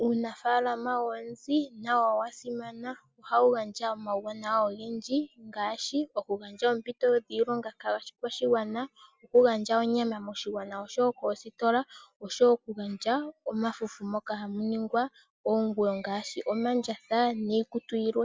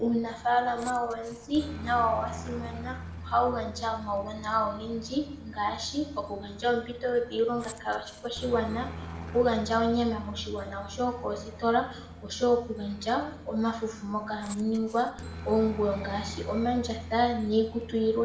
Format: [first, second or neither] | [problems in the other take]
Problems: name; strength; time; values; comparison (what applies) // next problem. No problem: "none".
first | background sound (Aircraft); 13 dB below the speech // room echo; dies away in 0.6 s